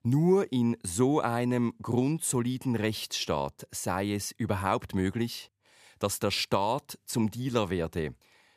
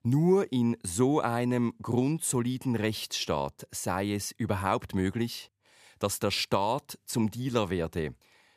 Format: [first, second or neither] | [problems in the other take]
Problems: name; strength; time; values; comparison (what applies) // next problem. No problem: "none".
neither | none